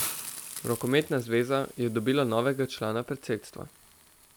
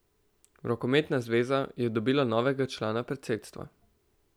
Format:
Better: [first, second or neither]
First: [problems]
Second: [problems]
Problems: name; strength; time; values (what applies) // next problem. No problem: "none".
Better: second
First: background sound (Hiss); 13 dB below the speech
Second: none